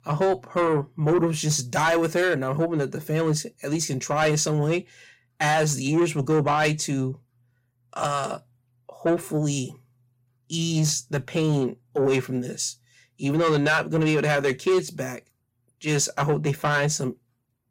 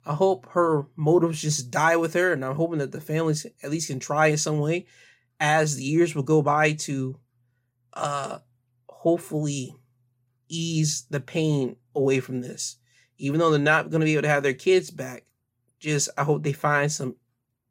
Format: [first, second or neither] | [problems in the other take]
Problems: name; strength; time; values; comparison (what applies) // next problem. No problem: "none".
second | distortion; slight; 10 dB below the speech